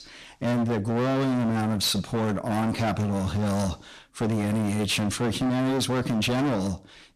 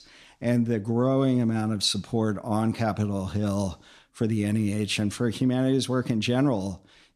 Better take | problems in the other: second | distortion; heavy; 31% of the sound clipped

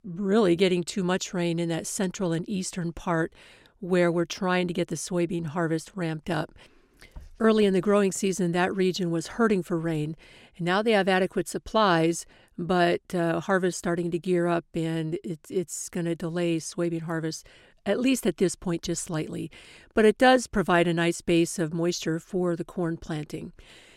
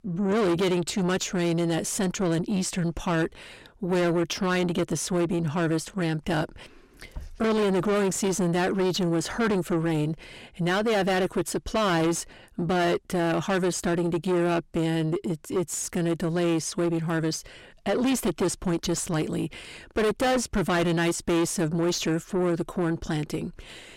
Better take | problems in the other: first | distortion; heavy; 6 dB below the speech

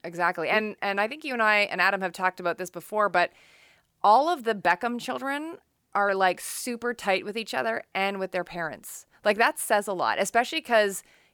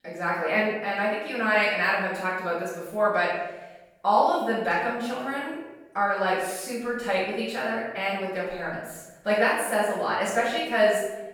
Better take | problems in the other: first | off-mic speech; far // room echo; strong; dies away in 0.9 s

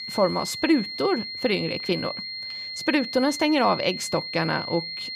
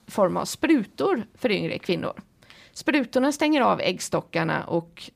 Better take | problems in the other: second | high-pitched whine; loud; throughout; 4 kHz, 7 dB below the speech

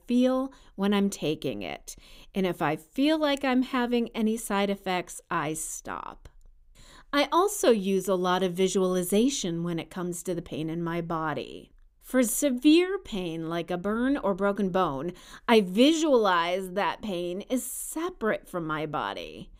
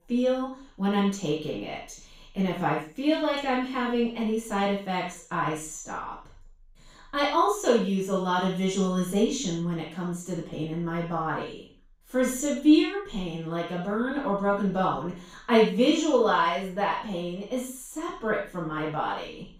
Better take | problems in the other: first | room echo; noticeable; dies away in 0.4 s // off-mic speech; far

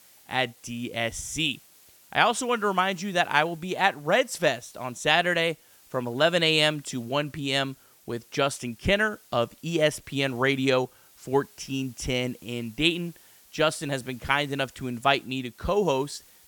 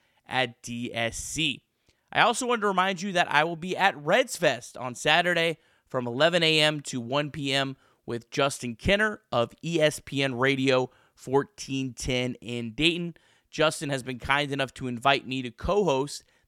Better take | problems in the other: second | hiss; faint; throughout; 25 dB below the speech

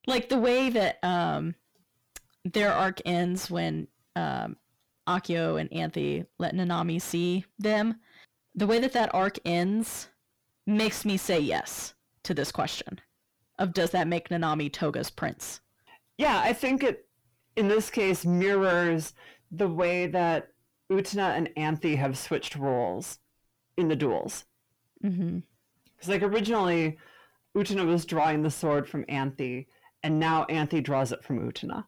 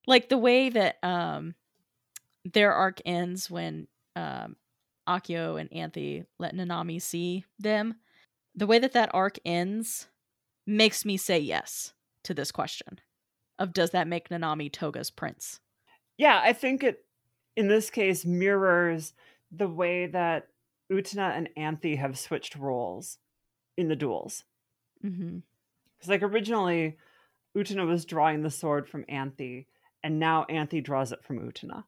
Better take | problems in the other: second | distortion; heavy; 6 dB below the speech

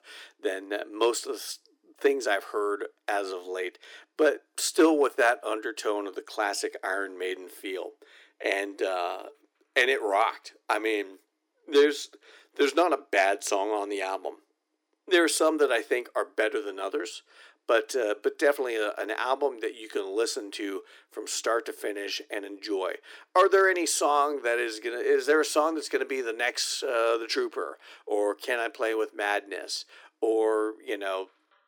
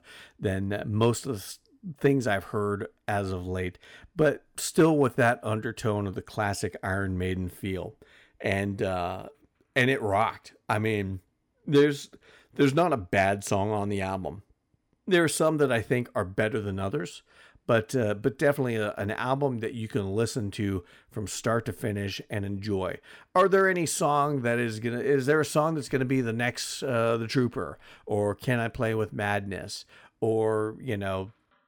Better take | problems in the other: second | thin; very; fading below 300 Hz

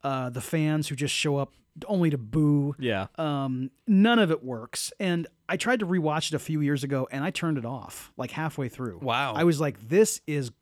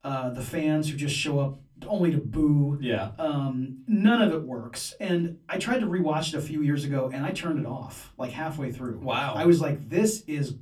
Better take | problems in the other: first | off-mic speech; far // room echo; very slight; dies away in 0.3 s

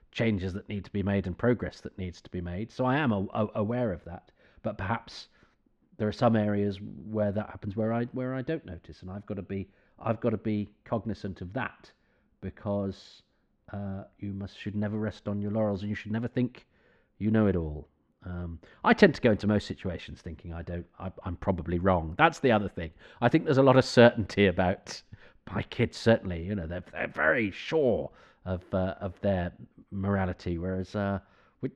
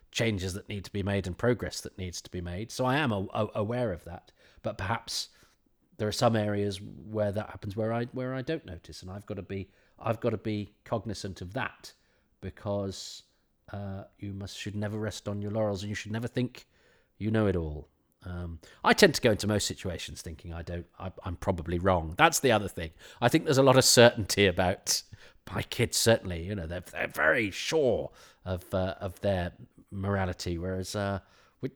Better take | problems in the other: second | muffled; slightly; fading above 2.5 kHz

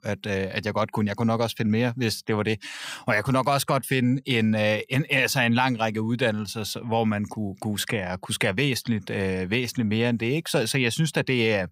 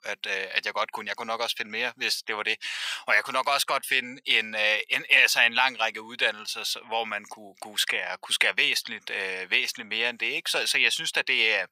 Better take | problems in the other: first | thin; very; fading below 700 Hz

